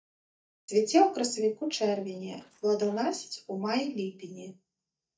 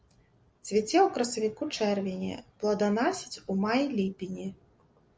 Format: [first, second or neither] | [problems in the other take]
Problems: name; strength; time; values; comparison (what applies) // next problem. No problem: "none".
second | noise reduction (neural mask model DeepFilterNet 3)